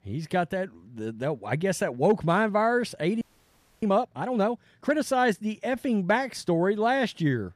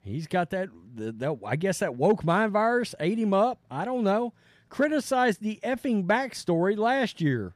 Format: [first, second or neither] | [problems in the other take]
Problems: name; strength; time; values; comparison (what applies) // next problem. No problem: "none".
second | audio freezing; at 3 s for 0.5 s